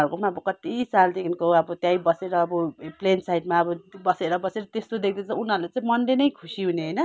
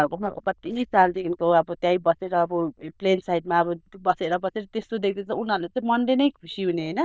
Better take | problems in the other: first | noise reduction (neural diffusion model UNIVERSE++)

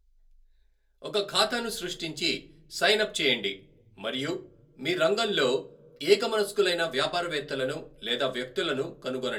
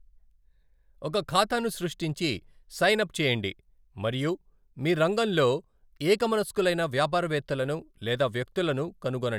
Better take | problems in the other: second | room echo; dies away in 0.2 s

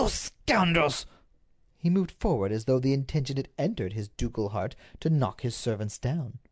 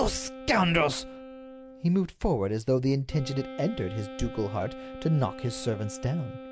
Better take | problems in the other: first | background sound (Wind instrument, woodwind instrument); 13 dB below the speech

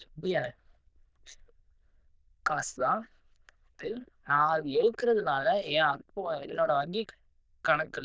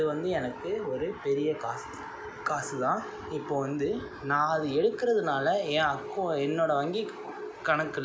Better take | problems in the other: second | noise reduction (neural diffusion model UNIVERSE++)

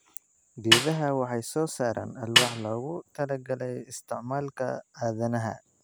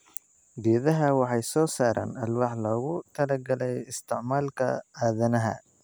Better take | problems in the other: second | background sound (Snare drum); 3 dB above the speech

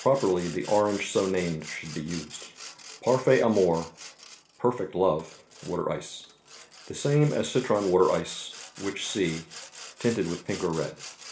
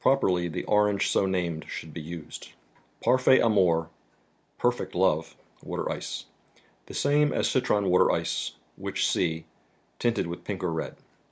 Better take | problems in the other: second | background sound (Sawing); 17 dB below the speech // room echo; dies away in 0.4 s

